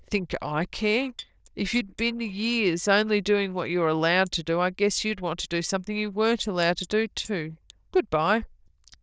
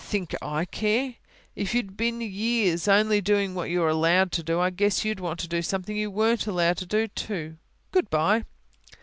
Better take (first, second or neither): second